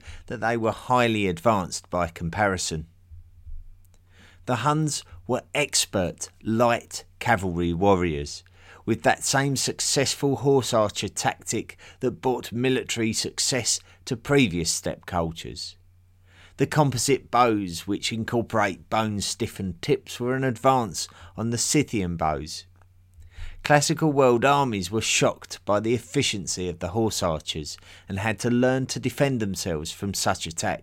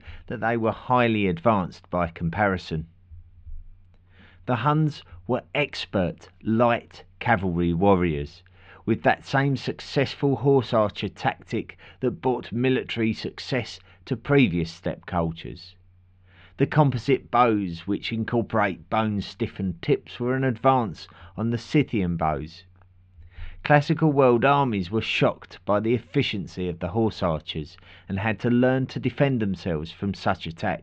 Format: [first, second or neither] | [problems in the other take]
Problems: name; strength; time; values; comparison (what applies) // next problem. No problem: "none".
first | muffled; very; fading above 3.5 kHz